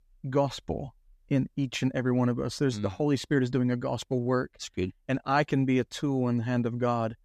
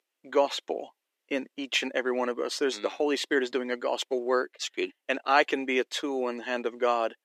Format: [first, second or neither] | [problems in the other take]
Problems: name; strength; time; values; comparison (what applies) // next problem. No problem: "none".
first | thin; somewhat; fading below 350 Hz